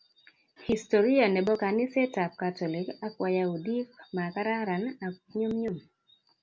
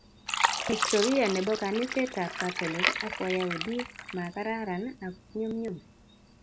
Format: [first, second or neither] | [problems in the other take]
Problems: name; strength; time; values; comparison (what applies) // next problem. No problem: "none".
first | background sound (Fill (with liquid)); 3 dB below the speech